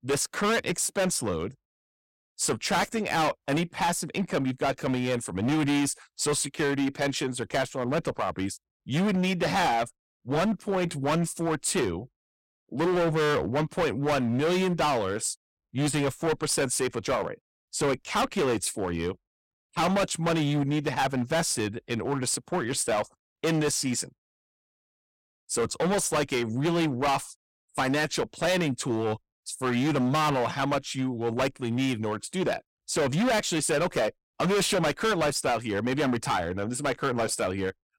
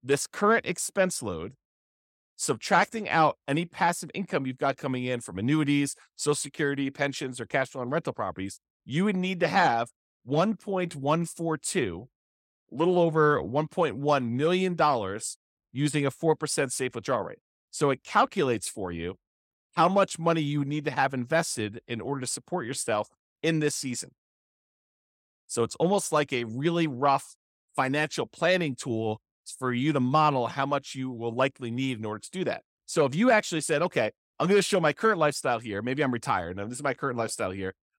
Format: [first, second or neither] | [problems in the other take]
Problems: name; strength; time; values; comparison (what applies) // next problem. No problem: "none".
second | distortion; heavy; 17% of the sound clipped